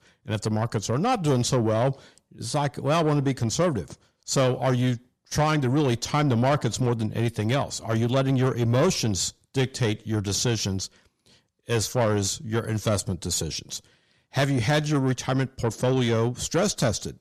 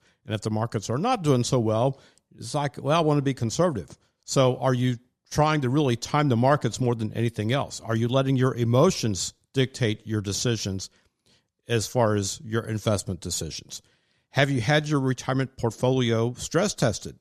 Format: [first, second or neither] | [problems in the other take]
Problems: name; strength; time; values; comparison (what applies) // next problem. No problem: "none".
second | distortion; slight; 10 dB below the speech